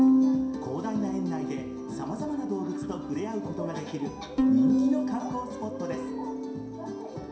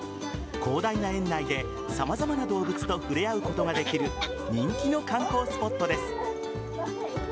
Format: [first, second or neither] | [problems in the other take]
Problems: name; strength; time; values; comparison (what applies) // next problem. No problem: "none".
second | background sound (Bowed string instrument); 4 dB above the speech // room echo; dies away in 0.7 s